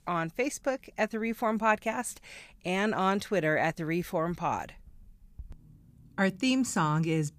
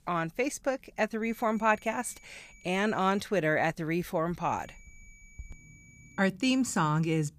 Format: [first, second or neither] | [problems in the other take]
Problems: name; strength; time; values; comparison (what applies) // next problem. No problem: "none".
first | high-pitched whine; faint; from 1 to 3 s and from 4.5 to 6 s; 2.5 kHz, 25 dB below the speech